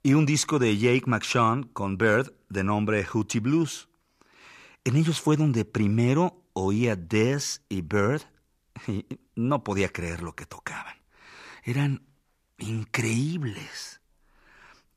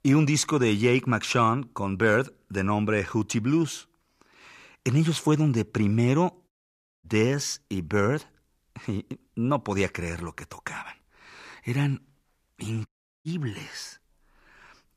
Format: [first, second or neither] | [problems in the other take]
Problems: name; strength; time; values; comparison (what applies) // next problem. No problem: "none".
first | audio cutting out; at 6.5 s for 0.5 s and at 13 s